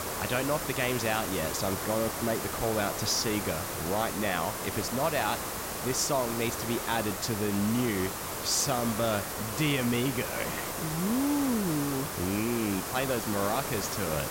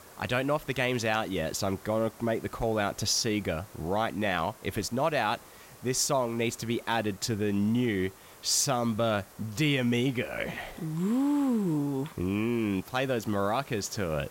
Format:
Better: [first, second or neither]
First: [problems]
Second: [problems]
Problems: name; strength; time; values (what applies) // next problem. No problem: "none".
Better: second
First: hiss; loud; throughout; 3 dB below the speech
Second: hiss; faint; throughout; 20 dB below the speech